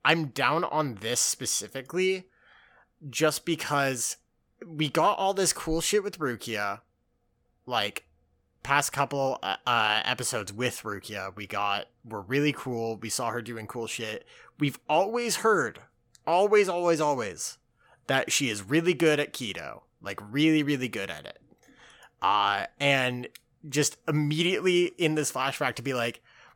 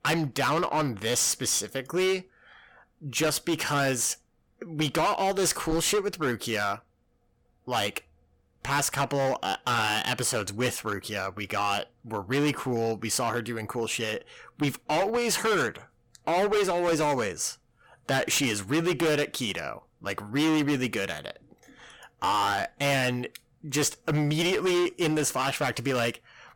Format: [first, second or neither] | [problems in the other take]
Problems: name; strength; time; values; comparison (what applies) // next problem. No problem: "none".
first | distortion; heavy; 13% of the sound clipped